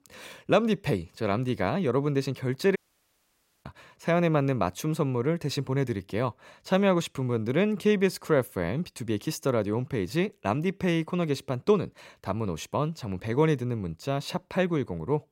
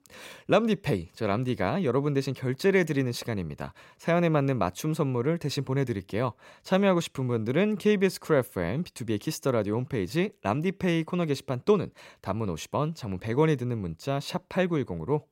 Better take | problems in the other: second | audio cutting out; at 3 s for 1 s

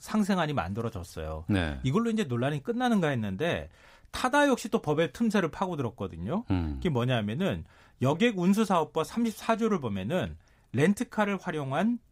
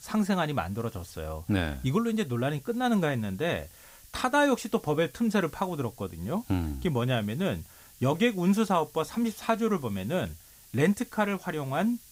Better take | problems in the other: first | hiss; faint; throughout; 25 dB below the speech

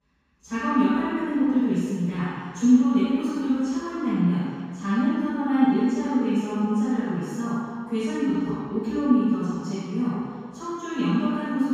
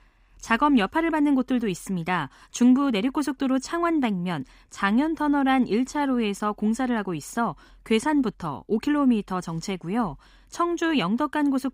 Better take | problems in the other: second | room echo; strong; dies away in 1.8 s // off-mic speech; far

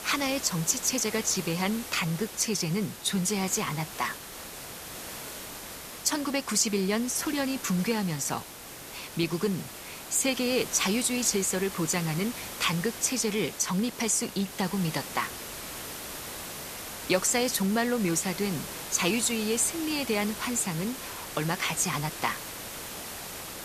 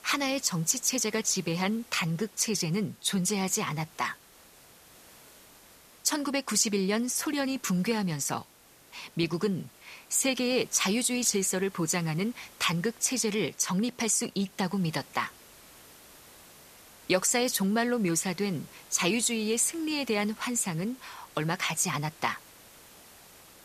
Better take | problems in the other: second | hiss; loud; throughout; 10 dB below the speech; faint in the second

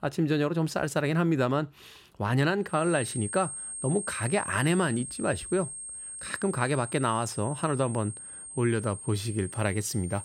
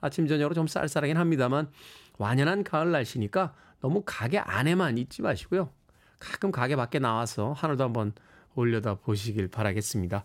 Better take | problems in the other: second | high-pitched whine; loud; from 3 s on; 8.5 kHz, 9 dB below the speech

